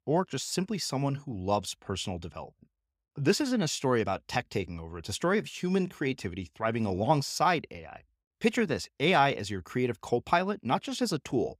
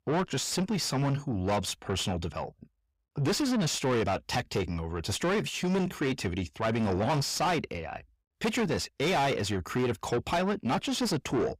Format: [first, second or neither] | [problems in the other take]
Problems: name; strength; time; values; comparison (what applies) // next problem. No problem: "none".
first | distortion; heavy; 6 dB below the speech